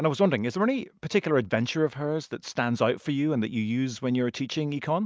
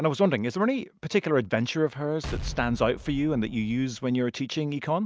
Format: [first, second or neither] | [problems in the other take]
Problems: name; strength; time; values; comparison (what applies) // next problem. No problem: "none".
first | background sound (Explosion); 11 dB below the speech